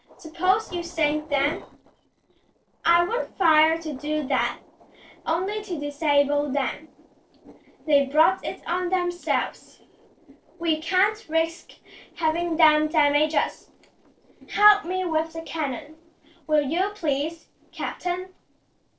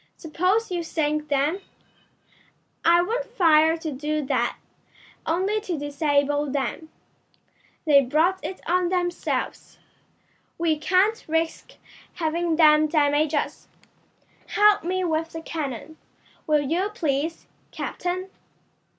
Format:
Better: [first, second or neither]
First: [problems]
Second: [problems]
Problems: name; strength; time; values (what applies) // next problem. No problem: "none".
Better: second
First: noise reduction (neural separator model SepFormer DNS4)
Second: none